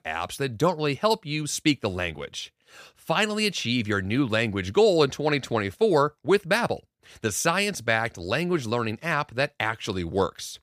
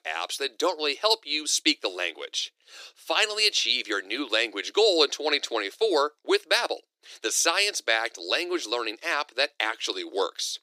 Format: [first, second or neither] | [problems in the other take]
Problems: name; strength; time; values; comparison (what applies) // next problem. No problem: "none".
first | thin; very; fading below 300 Hz